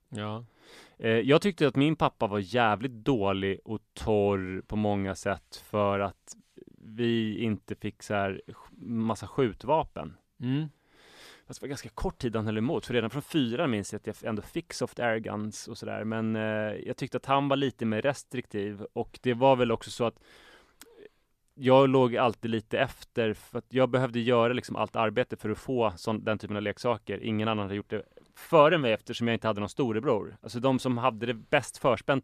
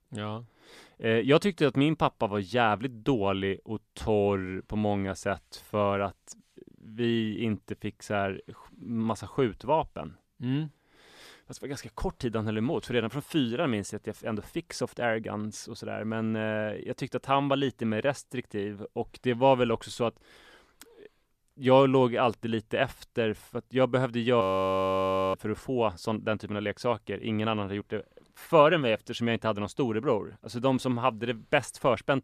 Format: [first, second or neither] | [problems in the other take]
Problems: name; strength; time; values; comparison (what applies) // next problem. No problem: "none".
first | audio freezing; at 24 s for 1 s